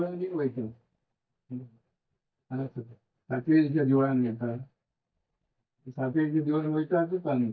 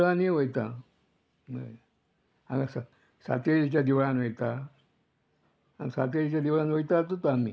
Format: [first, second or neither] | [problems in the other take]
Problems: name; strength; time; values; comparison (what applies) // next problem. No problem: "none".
second | noise reduction (neural mask model DeepFilterNet 3)